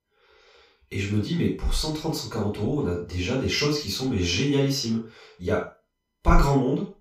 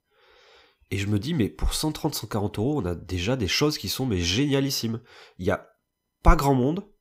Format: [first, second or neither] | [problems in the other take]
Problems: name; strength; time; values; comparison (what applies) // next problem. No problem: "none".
second | room echo; noticeable; dies away in 0.3 s // off-mic speech; far